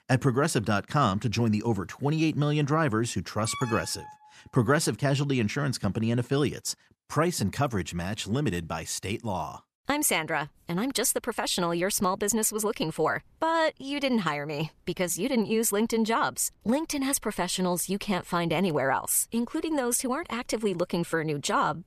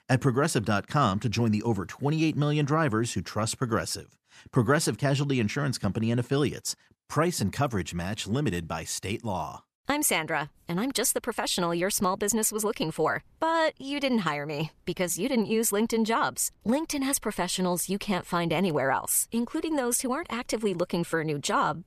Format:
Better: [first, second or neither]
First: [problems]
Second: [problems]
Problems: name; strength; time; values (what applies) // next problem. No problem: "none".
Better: second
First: alarm; noticeable; at 3.5 s; peak 9 dB below the speech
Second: none